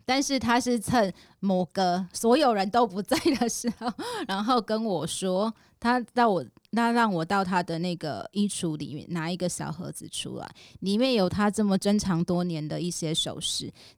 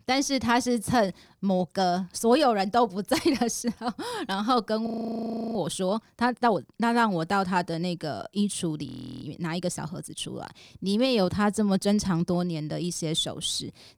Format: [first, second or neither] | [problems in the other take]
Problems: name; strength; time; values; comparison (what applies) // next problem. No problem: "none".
first | audio freezing; at 5 s for 0.5 s and at 9 s